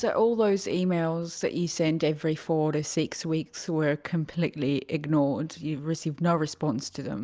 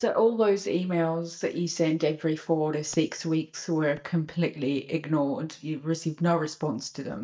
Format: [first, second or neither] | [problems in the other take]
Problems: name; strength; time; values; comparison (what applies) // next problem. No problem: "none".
first | noise reduction (neural mask model DeepFilterNet 3)